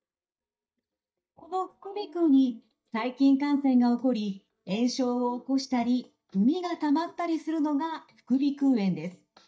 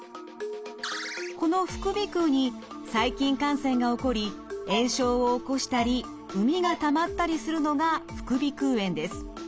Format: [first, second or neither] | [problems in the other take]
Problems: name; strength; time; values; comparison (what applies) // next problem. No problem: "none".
second | noise reduction (neural mask model DeepFilterNet 3)